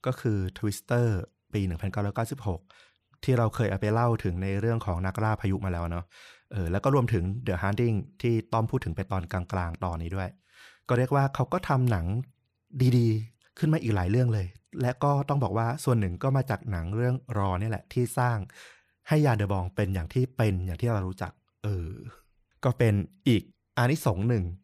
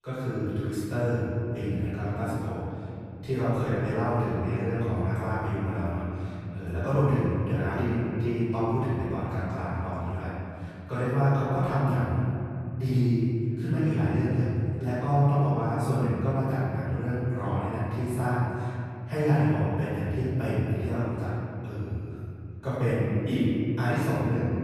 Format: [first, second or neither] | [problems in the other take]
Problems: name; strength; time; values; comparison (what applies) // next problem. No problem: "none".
first | off-mic speech; far // room echo; strong; dies away in 2.8 s